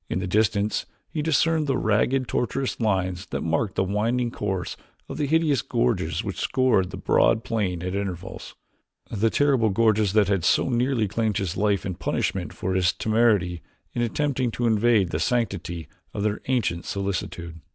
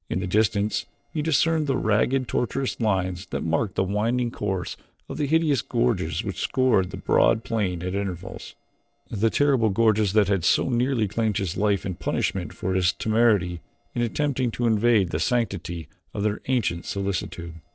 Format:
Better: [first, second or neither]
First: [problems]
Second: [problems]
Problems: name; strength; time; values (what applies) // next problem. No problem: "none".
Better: first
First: none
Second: noise reduction (neural separator model SepFormer DNS4)